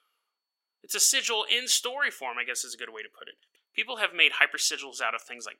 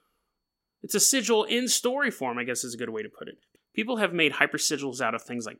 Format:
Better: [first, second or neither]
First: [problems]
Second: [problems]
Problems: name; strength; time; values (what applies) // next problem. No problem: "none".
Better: second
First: thin; very; fading below 700 Hz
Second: none